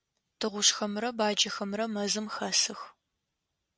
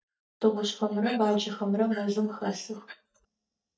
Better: first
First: none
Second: noise reduction (neural mask model DeepFilterNet 3)

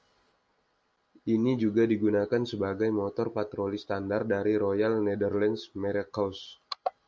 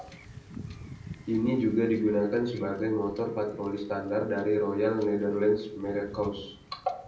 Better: first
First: none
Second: background sound (Wind / Ocean / Boat, Water vehicle); 18 dB below the speech // room echo; dies away in 0.6 s

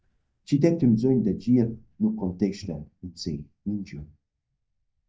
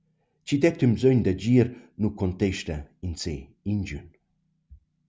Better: second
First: noise reduction (neural mask model DeepFilterNet 3)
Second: none

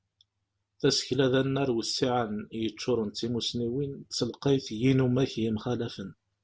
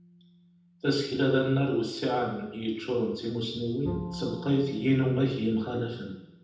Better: first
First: none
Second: background sound (Bowed string instrument); 15 dB below the speech // room echo; dies away in 0.8 s

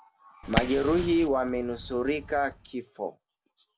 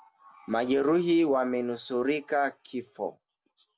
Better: second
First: background sound (Fire); 6 dB below the speech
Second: none

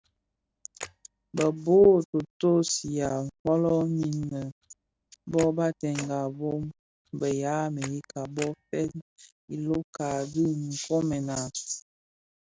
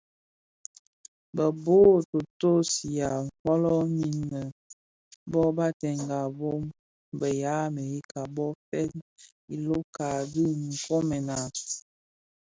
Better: second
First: background sound (Camera); 18 dB below the speech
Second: none

